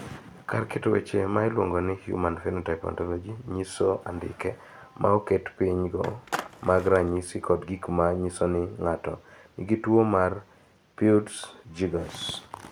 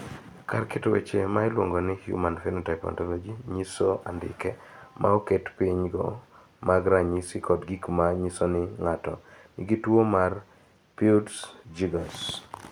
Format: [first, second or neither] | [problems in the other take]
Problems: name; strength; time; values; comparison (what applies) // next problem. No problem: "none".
second | background sound (Skateboard); 10 dB below the speech